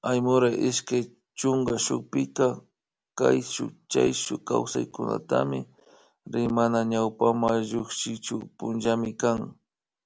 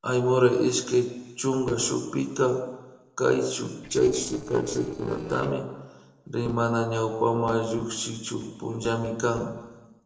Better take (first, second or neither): first